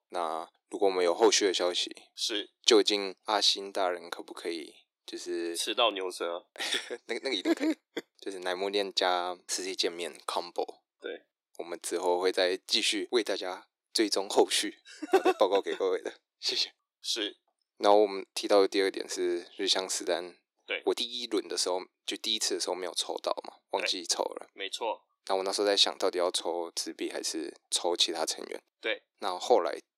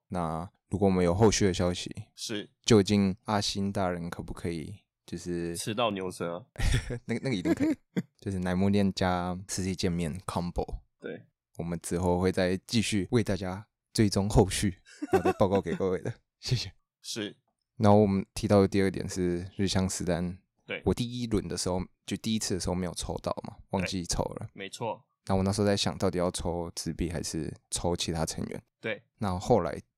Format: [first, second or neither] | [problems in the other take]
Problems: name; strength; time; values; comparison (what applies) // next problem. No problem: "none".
second | thin; very; fading below 350 Hz